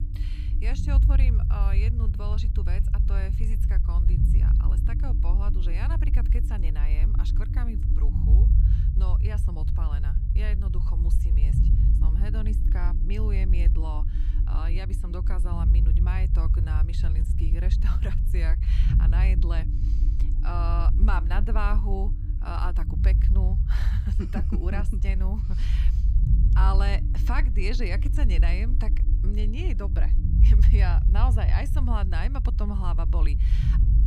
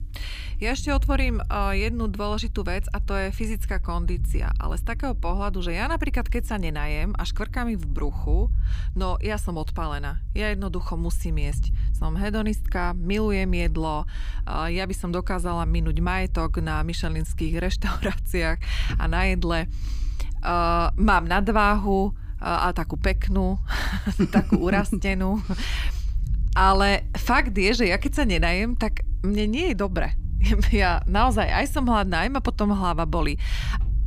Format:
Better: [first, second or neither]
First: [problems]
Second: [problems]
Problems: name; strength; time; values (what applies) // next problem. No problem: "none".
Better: second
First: low rumble; loud; throughout; 6 dB below the speech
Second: low rumble; faint; throughout; 25 dB below the speech